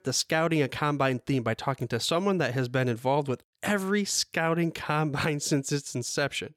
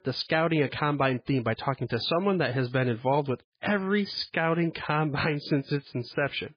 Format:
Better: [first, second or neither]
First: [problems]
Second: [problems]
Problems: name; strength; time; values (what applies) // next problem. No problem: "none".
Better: first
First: none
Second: garbled, watery; badly; nothing above 5 kHz